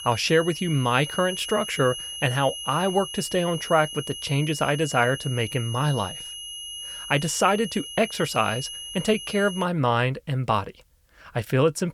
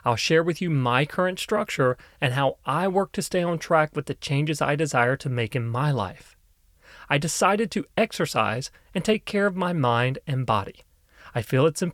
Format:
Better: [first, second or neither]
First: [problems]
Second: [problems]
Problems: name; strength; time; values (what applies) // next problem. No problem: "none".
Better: second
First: high-pitched whine; loud; until 9.5 s; 3 kHz, 9 dB below the speech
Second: none